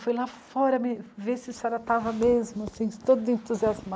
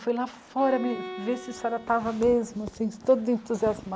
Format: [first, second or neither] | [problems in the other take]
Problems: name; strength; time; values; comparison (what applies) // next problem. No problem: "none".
first | background sound (Bowed string instrument); 16 dB below the speech